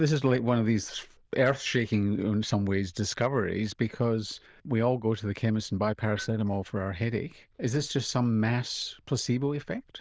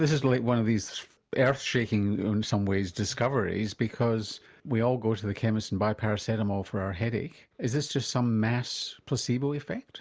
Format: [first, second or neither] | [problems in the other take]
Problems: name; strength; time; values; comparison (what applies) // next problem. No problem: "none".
second | noise reduction (neural diffusion model UNIVERSE++)